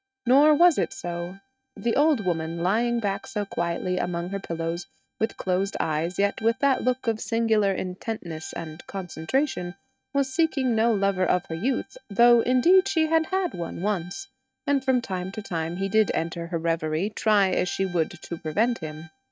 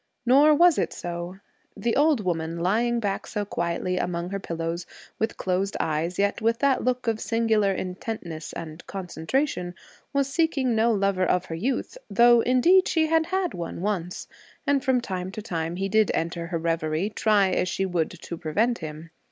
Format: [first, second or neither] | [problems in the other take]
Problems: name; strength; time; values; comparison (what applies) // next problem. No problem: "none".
second | noise reduction (neural mask model RNNoise)